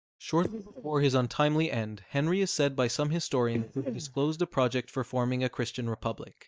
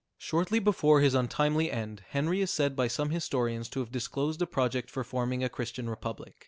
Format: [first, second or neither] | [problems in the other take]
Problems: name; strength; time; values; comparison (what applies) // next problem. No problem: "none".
second | noise reduction (neural mask model DeepFilterNet 3)